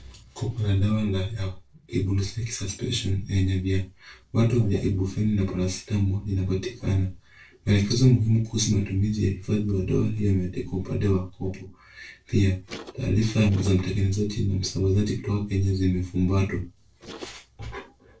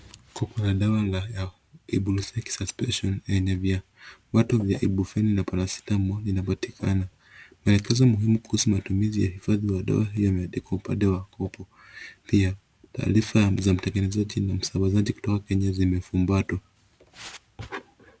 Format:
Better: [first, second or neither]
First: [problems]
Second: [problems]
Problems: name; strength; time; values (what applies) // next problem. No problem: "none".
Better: second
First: noise reduction (neural separator model SepFormer DNS4)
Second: none